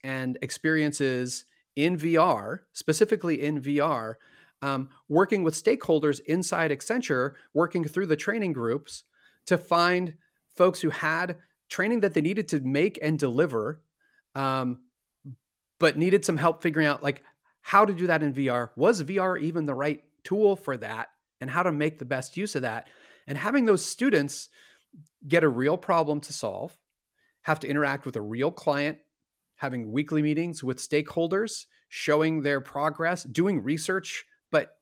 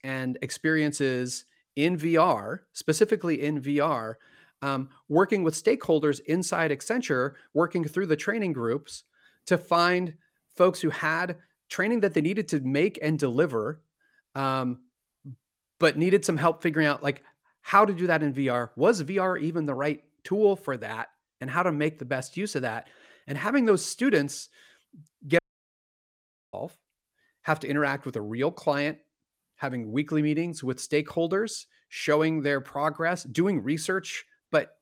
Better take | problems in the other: first | audio cutting out; at 25 s for 1 s

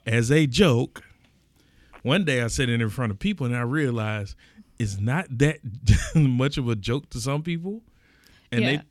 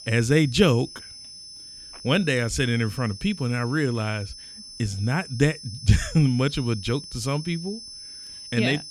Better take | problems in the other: first | high-pitched whine; noticeable; throughout; 5.5 kHz, 15 dB below the speech

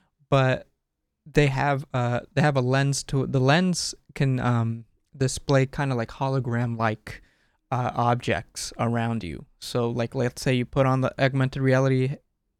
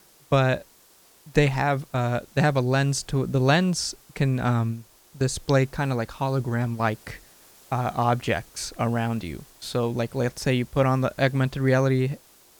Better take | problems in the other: first | hiss; faint; throughout; 25 dB below the speech

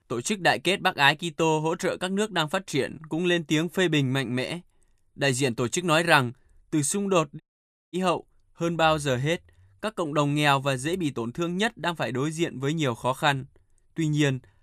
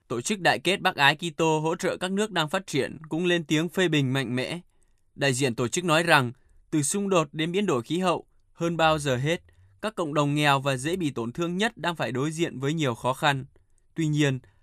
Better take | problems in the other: second | audio cutting out; at 7.5 s for 0.5 s

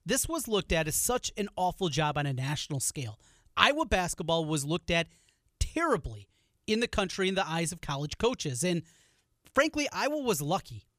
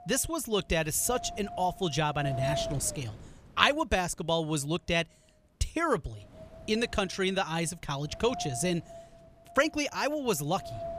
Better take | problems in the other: first | wind noise on the microphone; heavy; 10 dB below the speech

